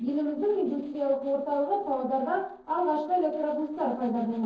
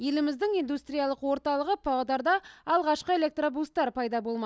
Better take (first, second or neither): second